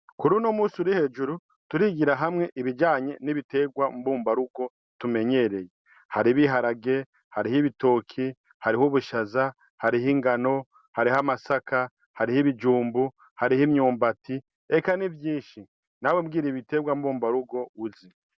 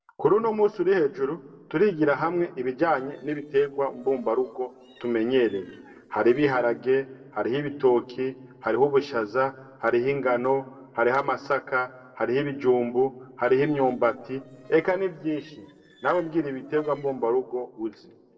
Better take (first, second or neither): first